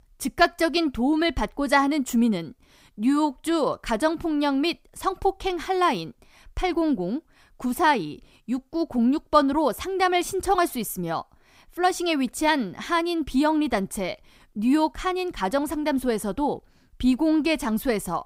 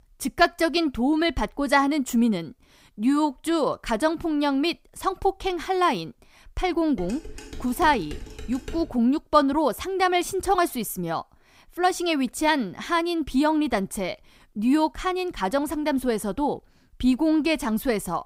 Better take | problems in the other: first | clattering dishes; faint; from 7 to 9 s; peak 15 dB below the speech

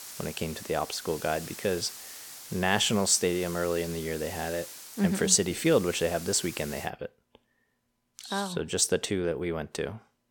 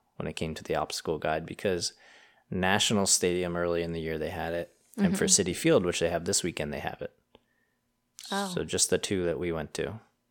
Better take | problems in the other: second | hiss; noticeable; until 7 s; 15 dB below the speech

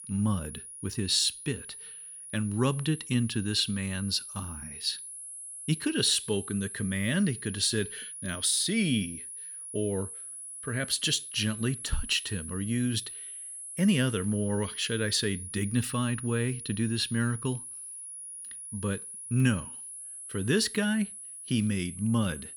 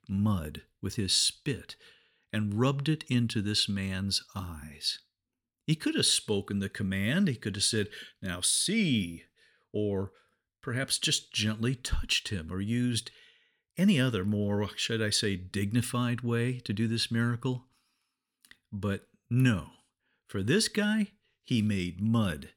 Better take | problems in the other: second | high-pitched whine; loud; throughout; 10.5 kHz, 10 dB below the speech

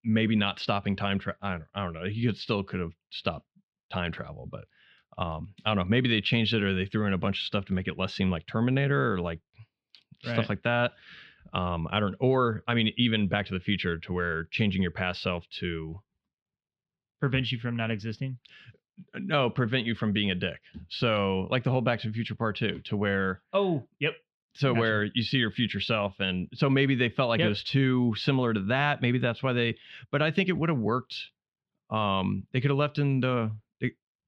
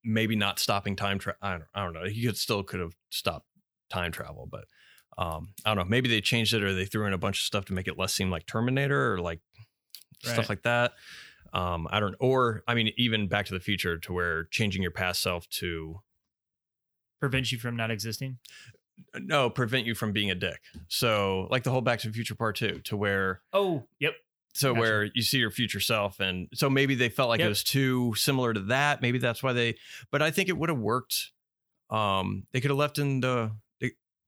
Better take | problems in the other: second | muffled; slightly; fading above 3.5 kHz

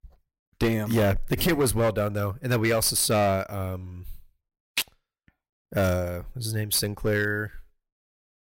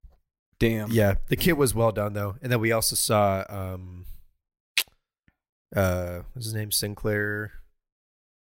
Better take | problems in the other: second | distortion; slight; 6% of the sound clipped

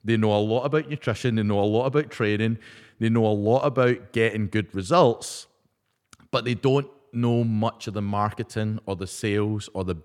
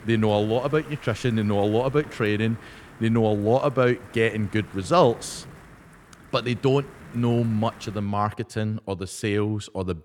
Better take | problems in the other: first | wind noise on the microphone; occasional gusts; until 8 s; 20 dB below the speech

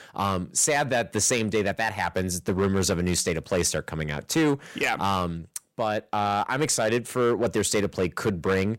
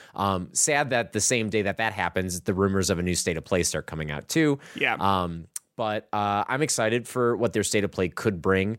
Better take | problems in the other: second | distortion; slight; 6% of the sound clipped

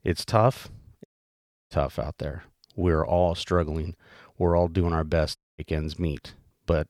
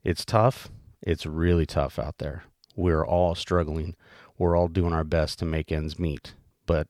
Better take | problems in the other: second | audio cutting out; at 1 s for 0.5 s and at 5.5 s

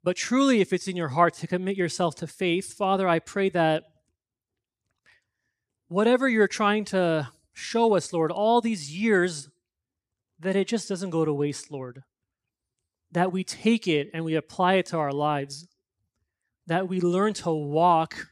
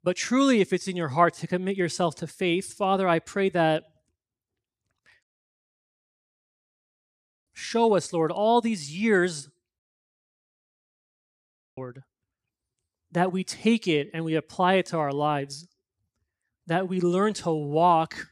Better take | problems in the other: first | audio cutting out; at 5 s for 2 s and at 10 s for 2 s

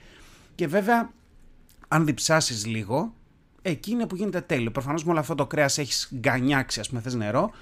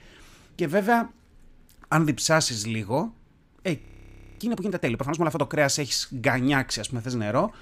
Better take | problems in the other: first | audio freezing; at 4 s for 0.5 s

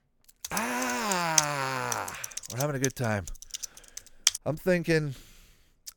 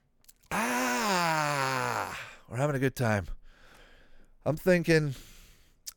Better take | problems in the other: second | keyboard typing; loud; until 4.5 s; peak 4 dB above the speech

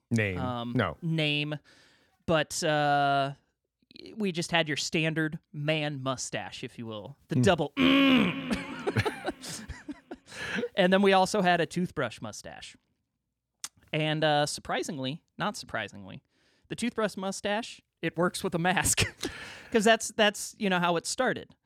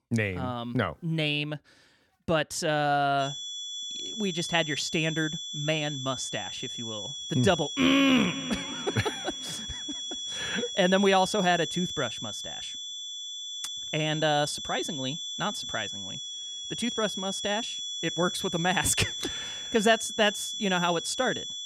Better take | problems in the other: first | high-pitched whine; loud; from 3 s on; 3.5 kHz, 6 dB below the speech

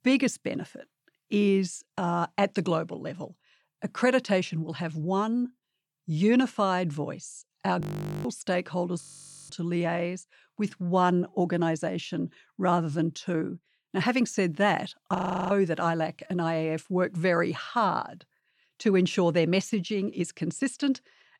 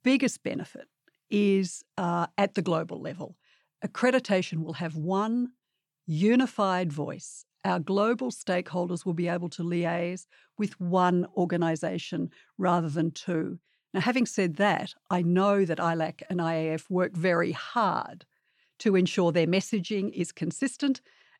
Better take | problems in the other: second | audio freezing; at 8 s, at 9 s and at 15 s

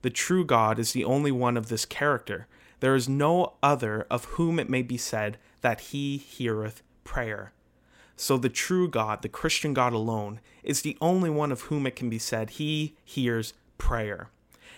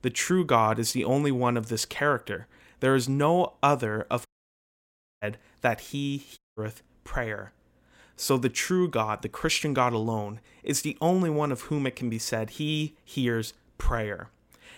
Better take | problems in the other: first | audio cutting out; at 4.5 s for 1 s and at 6.5 s

